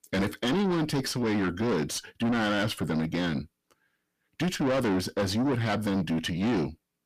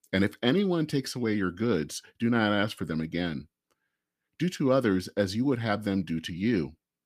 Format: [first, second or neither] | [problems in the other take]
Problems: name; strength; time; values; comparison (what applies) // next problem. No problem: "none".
second | distortion; heavy; 6 dB below the speech